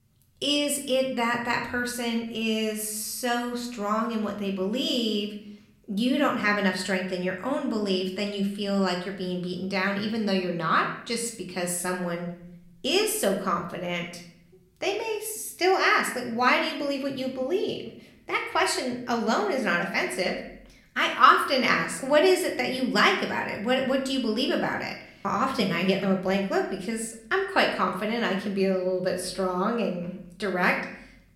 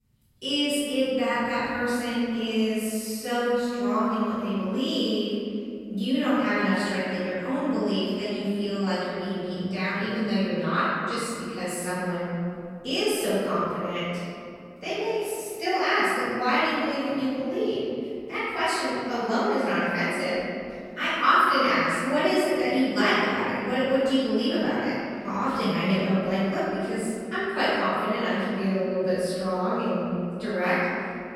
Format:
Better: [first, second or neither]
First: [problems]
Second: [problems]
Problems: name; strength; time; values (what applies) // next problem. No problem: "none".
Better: first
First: room echo; slight; dies away in 0.6 s // off-mic speech; somewhat distant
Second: room echo; strong; dies away in 2.4 s // off-mic speech; far